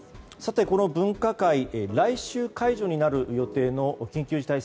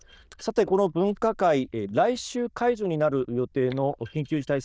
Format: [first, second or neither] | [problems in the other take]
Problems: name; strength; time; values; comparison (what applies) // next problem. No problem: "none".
first | noise reduction (neural diffusion model UNIVERSE++)